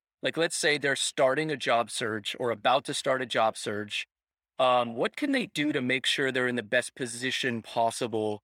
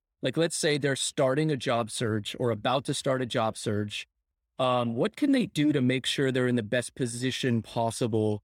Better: second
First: thin; somewhat; fading below 400 Hz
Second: none

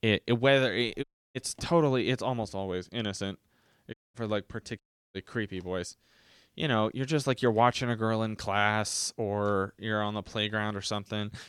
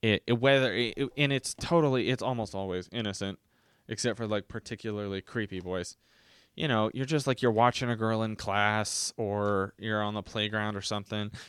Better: second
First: audio cutting out; at 1 s, at 4 s and at 5 s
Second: none

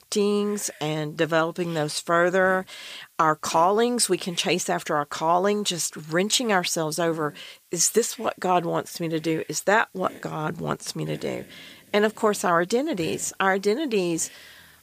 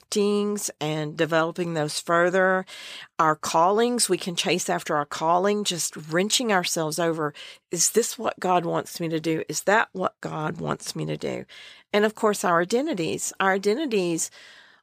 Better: second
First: hiss; faint; throughout; 25 dB below the speech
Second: none

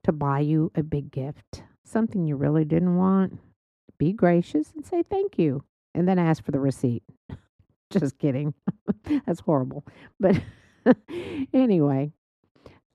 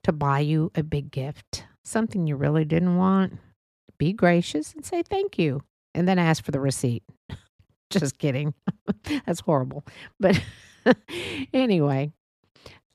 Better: second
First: muffled; slightly; fading above 2 kHz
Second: none

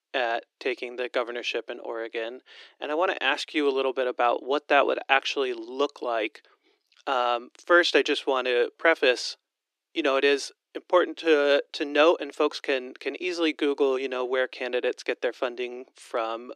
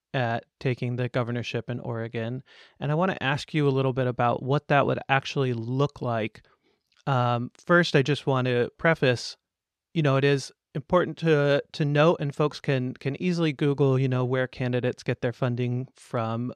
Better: second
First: thin; somewhat; fading below 300 Hz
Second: none

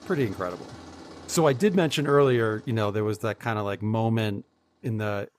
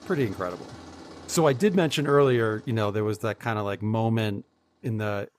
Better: neither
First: machinery noise; faint; throughout; 20 dB below the speech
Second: machinery noise; faint; throughout; 20 dB below the speech

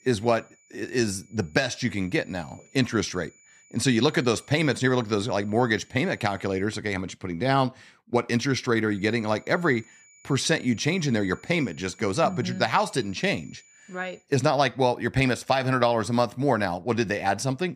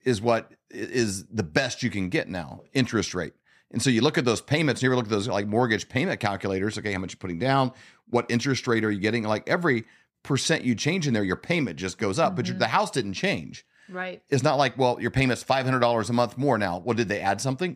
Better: second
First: high-pitched whine; faint; until 6.5 s and from 9 to 14 s; 7 kHz, 30 dB below the speech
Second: none

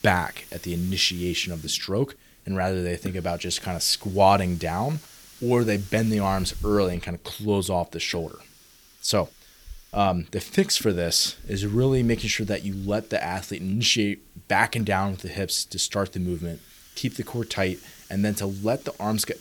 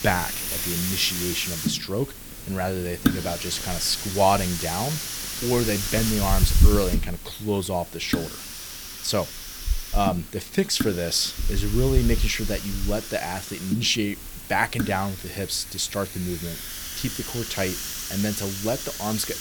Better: first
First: hiss; faint; throughout; 20 dB below the speech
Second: hiss; loud; throughout; 2 dB below the speech

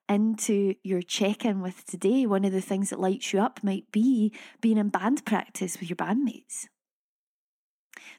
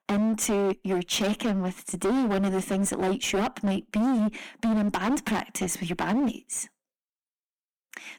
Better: first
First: none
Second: distortion; heavy; 21% of the sound clipped

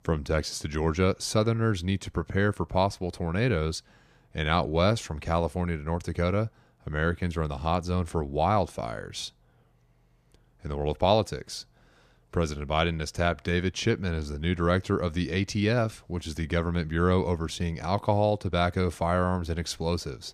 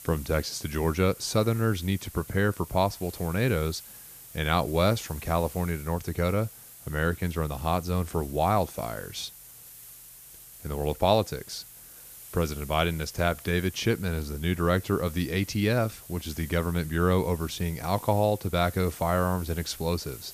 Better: first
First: none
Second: hiss; noticeable; throughout; 15 dB below the speech

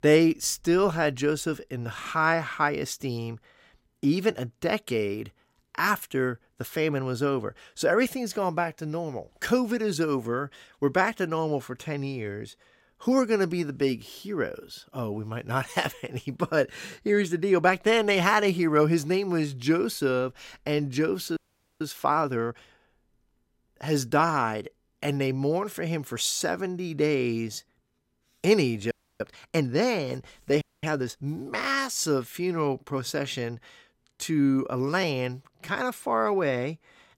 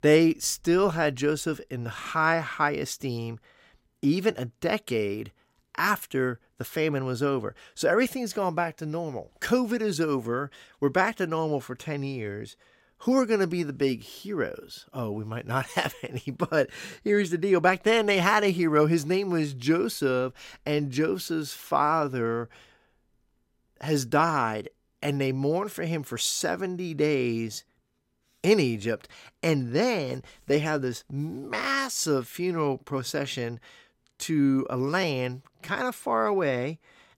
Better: second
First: audio freezing; at 21 s, at 29 s and at 31 s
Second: none

